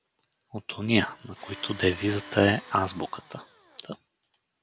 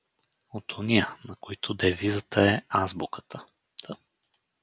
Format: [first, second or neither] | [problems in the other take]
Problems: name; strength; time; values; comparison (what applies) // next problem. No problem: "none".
second | background sound (Tools); 18 dB below the speech